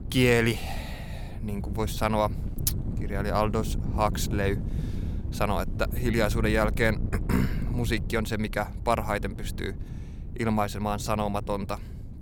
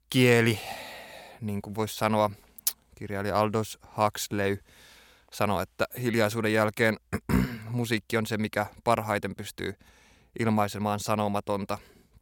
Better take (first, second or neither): second